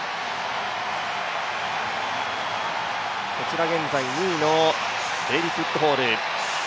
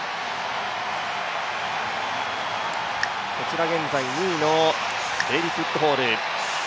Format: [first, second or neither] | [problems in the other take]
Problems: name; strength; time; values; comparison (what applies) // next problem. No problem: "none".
first | background sound (Raindrop); 13 dB below the speech